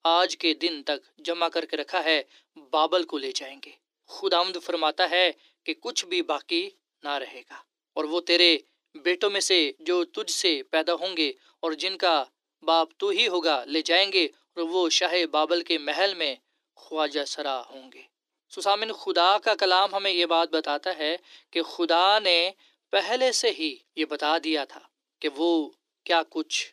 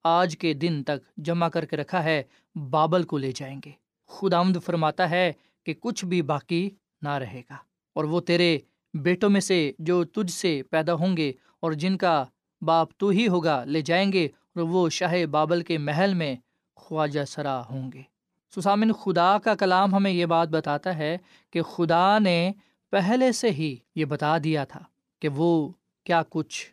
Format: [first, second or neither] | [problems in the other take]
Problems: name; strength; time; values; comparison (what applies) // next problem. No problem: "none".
second | thin; very; fading below 300 Hz